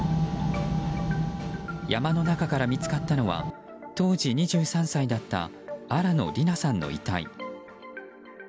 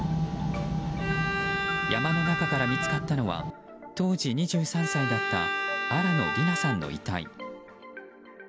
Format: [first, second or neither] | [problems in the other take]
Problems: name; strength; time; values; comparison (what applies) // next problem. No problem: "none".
first | background sound (Bowed string instrument); 2 dB below the speech